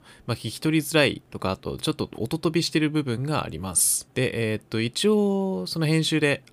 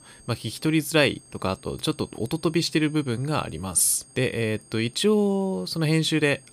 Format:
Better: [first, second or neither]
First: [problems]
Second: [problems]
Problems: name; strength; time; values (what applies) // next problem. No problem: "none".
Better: first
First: none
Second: high-pitched whine; faint; throughout; 8.5 kHz, 25 dB below the speech